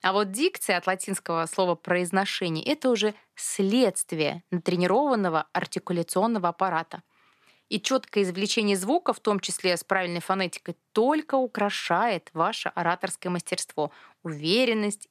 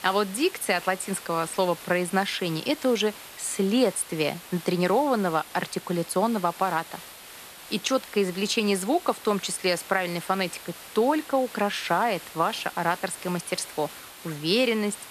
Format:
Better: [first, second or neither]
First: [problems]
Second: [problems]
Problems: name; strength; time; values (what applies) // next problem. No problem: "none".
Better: first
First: none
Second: hiss; noticeable; throughout; 15 dB below the speech